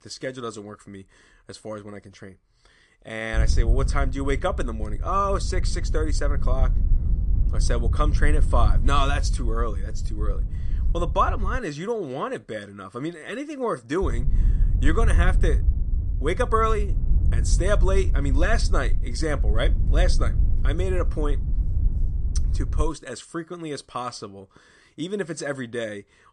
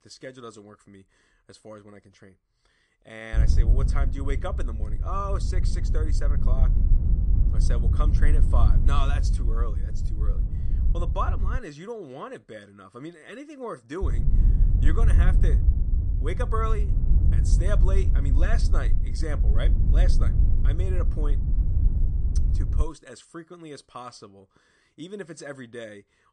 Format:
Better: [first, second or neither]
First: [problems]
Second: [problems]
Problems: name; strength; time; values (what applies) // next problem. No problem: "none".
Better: first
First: wind noise on the microphone; occasional gusts; from 3.5 to 12 s and from 14 to 23 s; 15 dB below the speech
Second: wind noise on the microphone; heavy; from 3.5 to 12 s and from 14 to 23 s; 6 dB below the speech